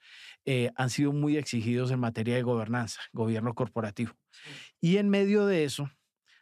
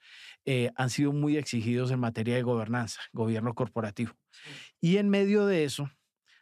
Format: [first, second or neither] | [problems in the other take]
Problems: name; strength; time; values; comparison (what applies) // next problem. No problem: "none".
neither | none